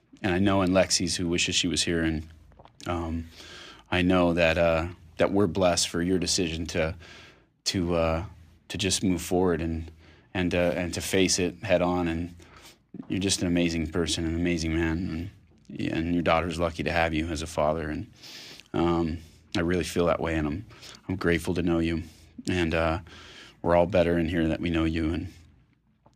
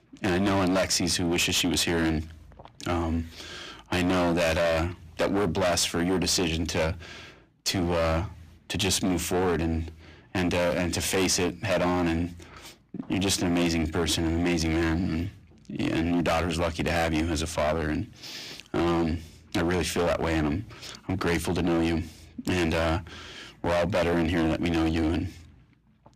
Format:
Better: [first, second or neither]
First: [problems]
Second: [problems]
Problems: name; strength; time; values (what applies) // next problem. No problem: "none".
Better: first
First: none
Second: distortion; heavy; 17% of the sound clipped